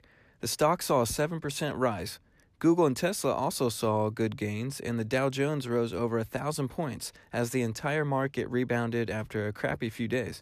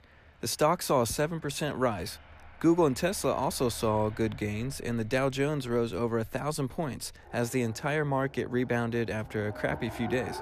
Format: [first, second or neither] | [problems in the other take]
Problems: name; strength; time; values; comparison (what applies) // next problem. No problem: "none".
first | traffic noise; noticeable; throughout; 20 dB below the speech